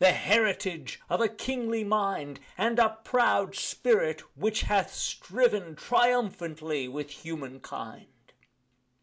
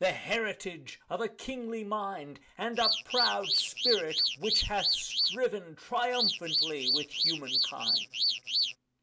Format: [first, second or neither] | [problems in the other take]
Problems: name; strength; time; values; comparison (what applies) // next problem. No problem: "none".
first | background sound (Alarm / Car); 5 dB above the speech